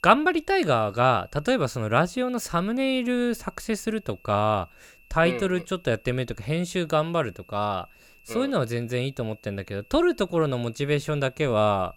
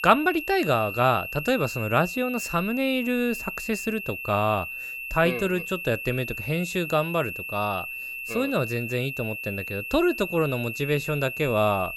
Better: first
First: high-pitched whine; faint; throughout; 2.5 kHz, 30 dB below the speech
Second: high-pitched whine; loud; throughout; 2.5 kHz, 6 dB below the speech

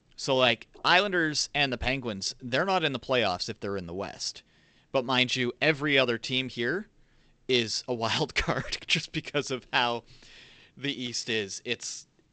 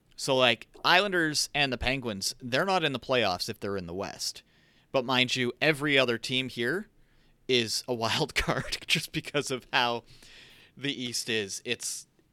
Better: second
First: garbled, watery; slightly; nothing above 8 kHz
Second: none

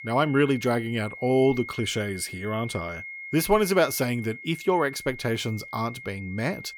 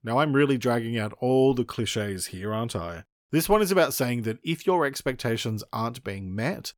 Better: second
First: high-pitched whine; noticeable; throughout; 2 kHz, 10 dB below the speech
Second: none

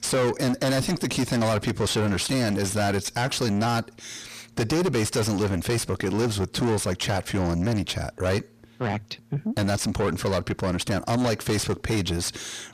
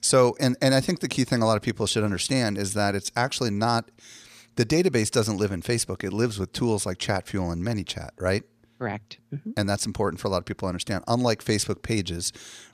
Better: second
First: distortion; heavy; 6 dB below the speech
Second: none

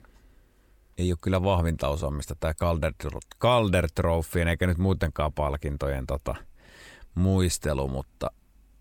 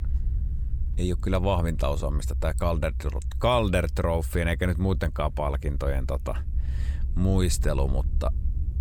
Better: first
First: none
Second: low rumble; faint; throughout; 20 dB below the speech

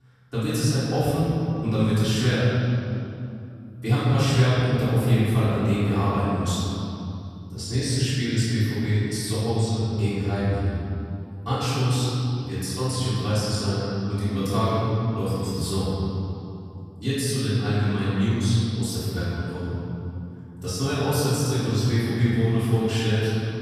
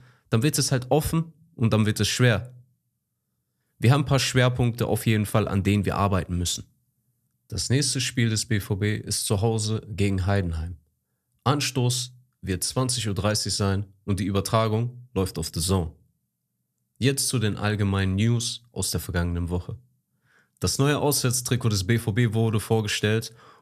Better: second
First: off-mic speech; far // room echo; strong; dies away in 2.9 s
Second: none

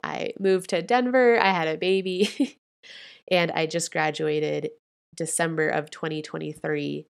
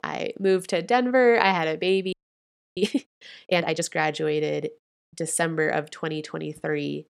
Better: first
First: none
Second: audio freezing; at 2 s for 0.5 s

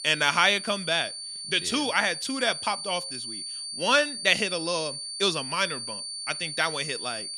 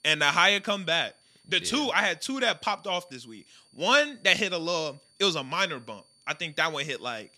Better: second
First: high-pitched whine; loud; throughout; 4.5 kHz, 7 dB below the speech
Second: high-pitched whine; faint; throughout; 4.5 kHz, 35 dB below the speech

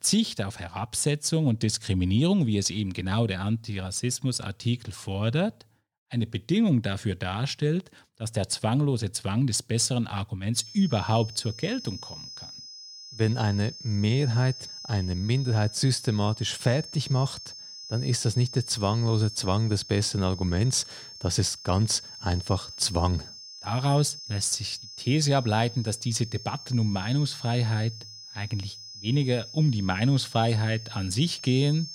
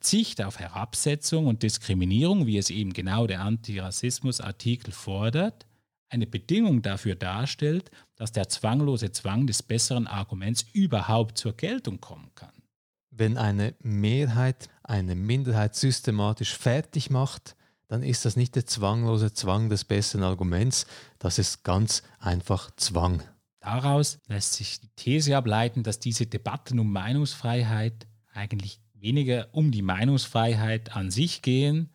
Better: second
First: high-pitched whine; noticeable; from 11 s on; 5.5 kHz, 15 dB below the speech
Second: none

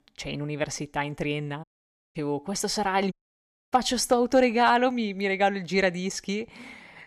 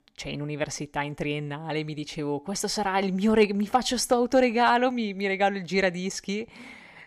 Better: second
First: audio cutting out; at 1.5 s for 0.5 s and at 3 s for 0.5 s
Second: none

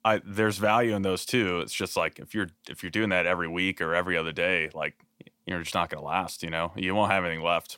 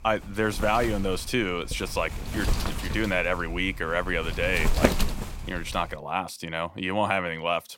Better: first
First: none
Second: wind noise on the microphone; heavy; until 6 s; 6 dB below the speech

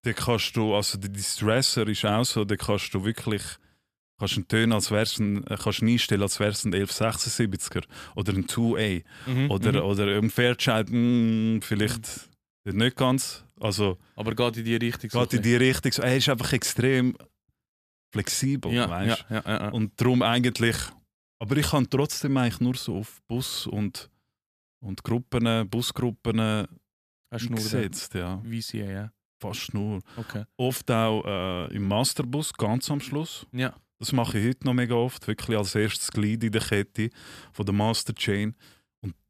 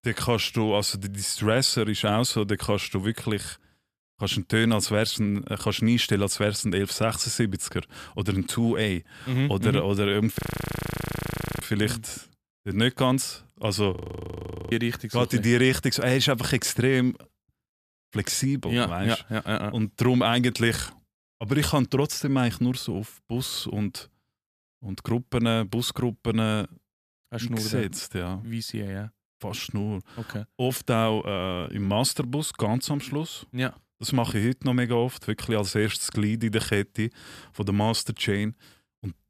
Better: first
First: none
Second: audio freezing; at 10 s for 1 s and at 14 s for 1 s

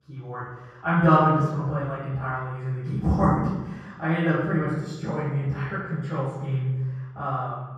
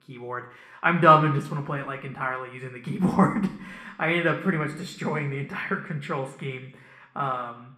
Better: second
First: room echo; strong; dies away in 1.3 s // off-mic speech; far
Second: room echo; slight; dies away in 0.8 s // off-mic speech; somewhat distant

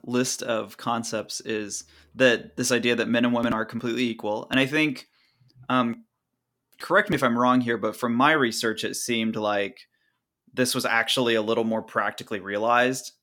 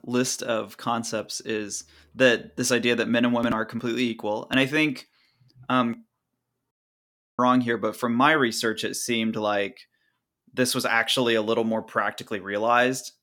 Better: first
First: none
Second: audio cutting out; at 6.5 s for 0.5 s

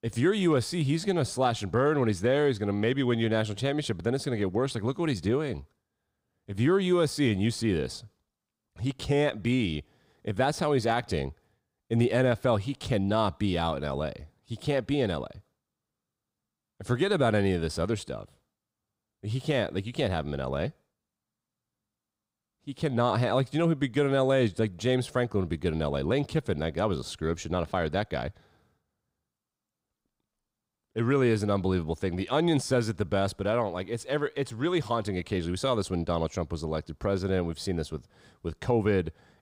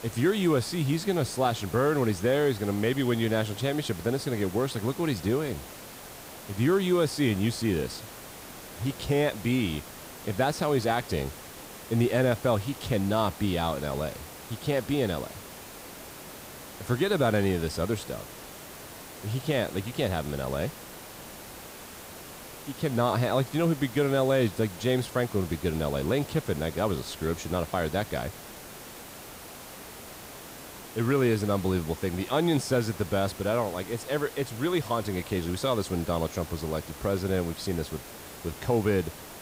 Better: first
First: none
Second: hiss; noticeable; throughout; 15 dB below the speech

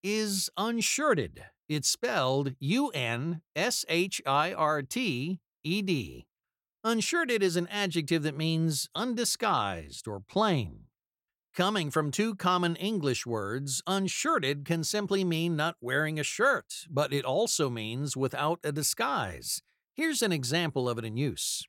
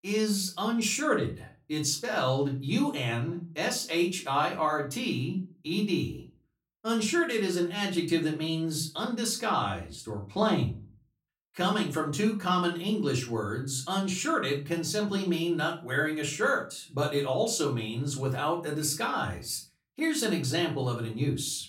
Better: first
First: none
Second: off-mic speech; far // room echo; very slight; dies away in 0.3 s

